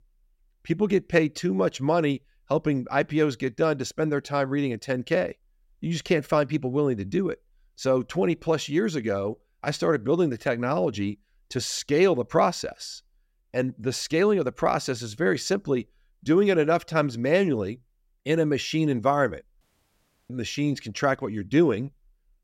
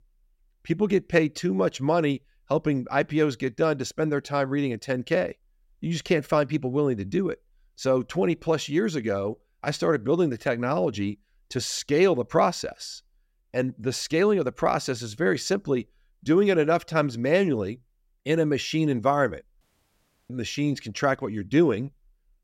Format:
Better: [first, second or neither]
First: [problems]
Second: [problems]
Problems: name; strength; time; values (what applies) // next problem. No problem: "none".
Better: neither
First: audio cutting out; at 20 s for 0.5 s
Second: audio cutting out; at 20 s for 0.5 s